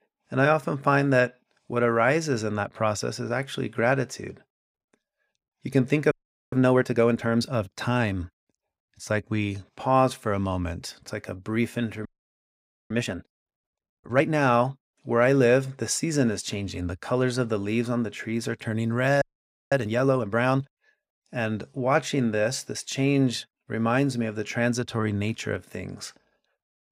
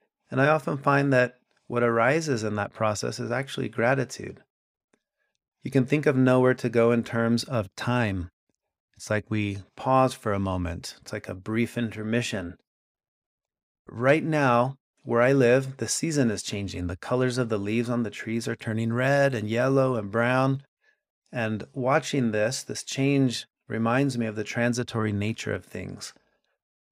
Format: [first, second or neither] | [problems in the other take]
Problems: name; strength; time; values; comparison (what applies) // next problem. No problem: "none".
second | audio freezing; at 6 s, at 12 s for 1 s and at 19 s for 0.5 s